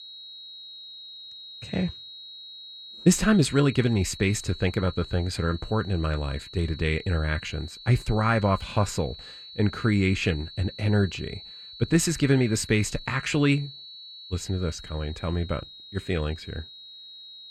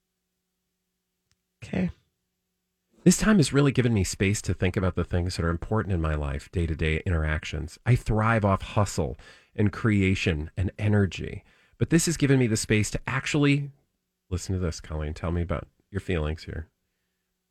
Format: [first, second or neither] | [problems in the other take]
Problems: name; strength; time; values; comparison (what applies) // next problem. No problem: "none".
second | high-pitched whine; noticeable; throughout; 4 kHz, 15 dB below the speech